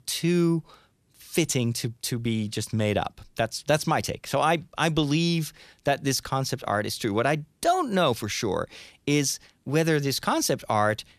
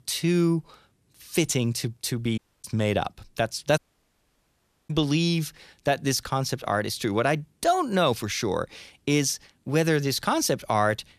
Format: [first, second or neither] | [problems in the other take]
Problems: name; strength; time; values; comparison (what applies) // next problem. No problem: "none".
first | audio cutting out; at 2.5 s and at 4 s for 1 s